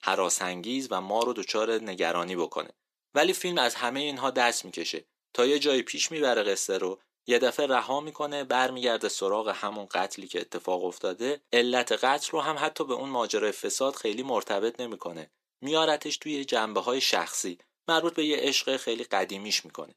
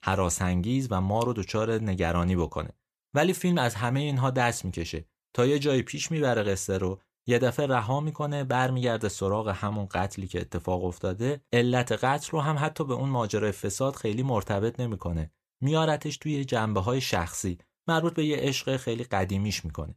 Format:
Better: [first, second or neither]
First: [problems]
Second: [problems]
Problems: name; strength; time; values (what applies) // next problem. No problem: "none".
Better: second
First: thin; somewhat; fading below 300 Hz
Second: none